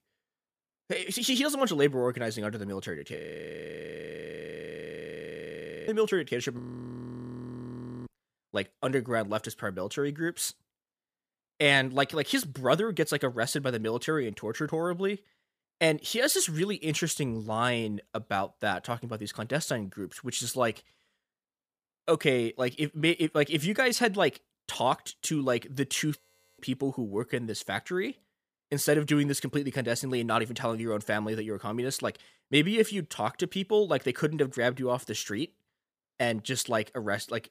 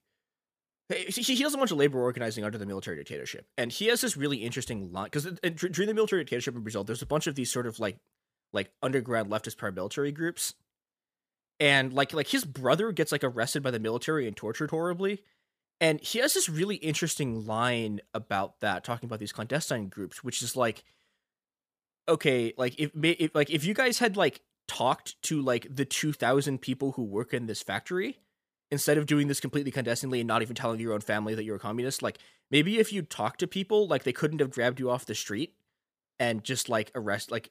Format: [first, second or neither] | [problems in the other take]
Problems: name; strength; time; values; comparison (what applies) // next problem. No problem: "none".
second | audio freezing; at 3 s for 2.5 s, at 6.5 s for 1.5 s and at 26 s